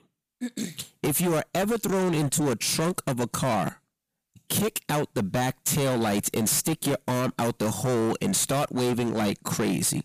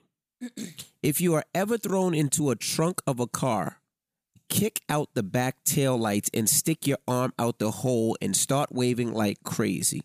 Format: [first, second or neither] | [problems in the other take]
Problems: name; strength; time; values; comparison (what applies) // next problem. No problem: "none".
second | distortion; heavy; 22% of the sound clipped